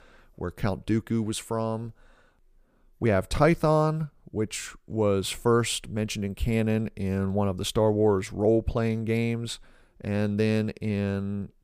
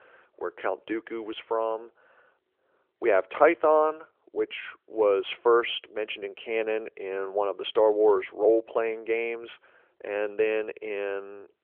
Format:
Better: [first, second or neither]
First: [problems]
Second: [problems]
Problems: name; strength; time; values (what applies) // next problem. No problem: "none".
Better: first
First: none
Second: phone-call audio; nothing above 3.5 kHz